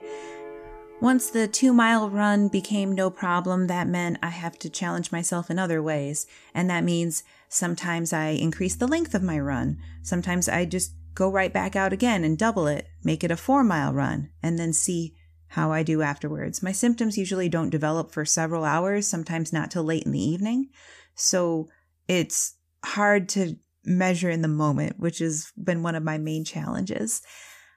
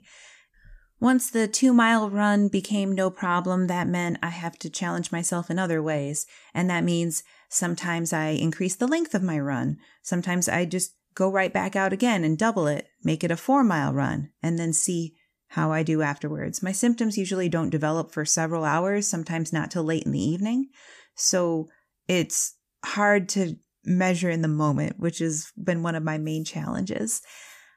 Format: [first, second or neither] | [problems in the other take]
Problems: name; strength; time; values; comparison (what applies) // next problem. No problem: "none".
second | background music; faint; throughout; 20 dB below the speech